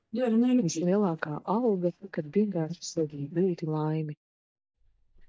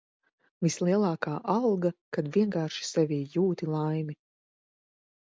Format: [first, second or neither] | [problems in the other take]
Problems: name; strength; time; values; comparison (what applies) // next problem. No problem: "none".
second | noise reduction (neural mask model DeepFilterNet 3)